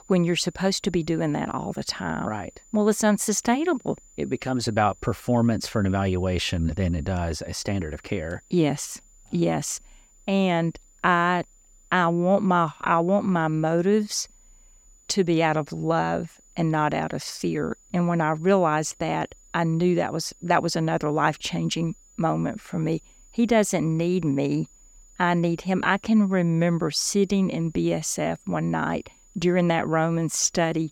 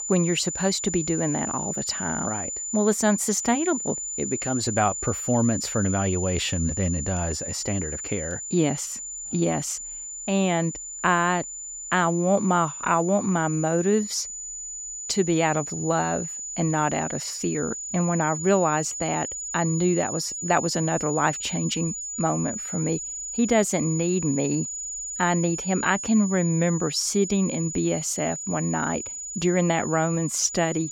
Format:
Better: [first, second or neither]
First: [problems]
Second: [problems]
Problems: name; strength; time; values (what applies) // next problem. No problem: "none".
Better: first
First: high-pitched whine; faint; throughout; 7 kHz, 30 dB below the speech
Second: high-pitched whine; loud; throughout; 7 kHz, 5 dB below the speech